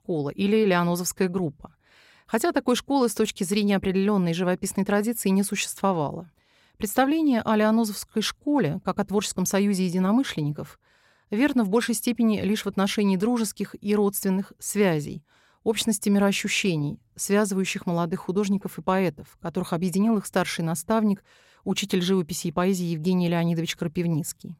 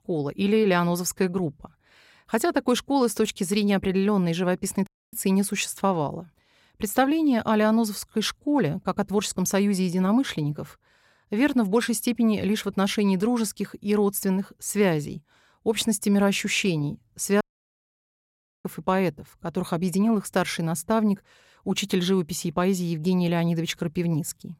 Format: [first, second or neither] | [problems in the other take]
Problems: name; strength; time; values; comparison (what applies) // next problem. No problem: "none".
first | audio cutting out; at 5 s and at 17 s for 1 s